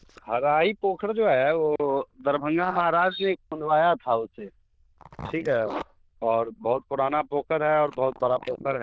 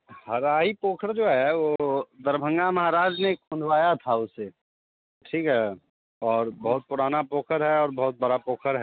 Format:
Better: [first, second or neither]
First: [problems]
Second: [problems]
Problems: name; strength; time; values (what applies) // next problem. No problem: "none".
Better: second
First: noise reduction (neural diffusion model UNIVERSE++)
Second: none